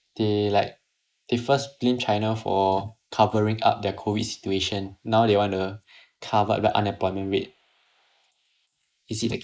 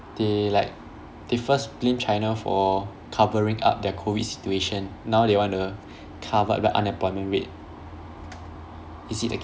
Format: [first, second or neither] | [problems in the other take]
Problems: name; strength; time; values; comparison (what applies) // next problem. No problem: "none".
second | noise reduction (neural mask model Resemble Enhance denoiser)